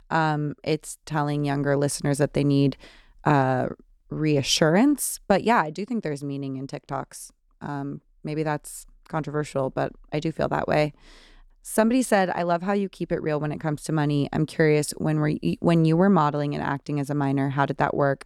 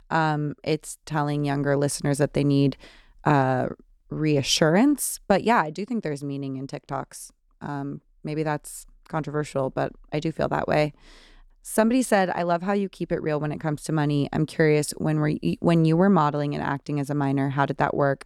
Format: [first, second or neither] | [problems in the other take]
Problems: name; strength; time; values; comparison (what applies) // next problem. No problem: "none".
neither | none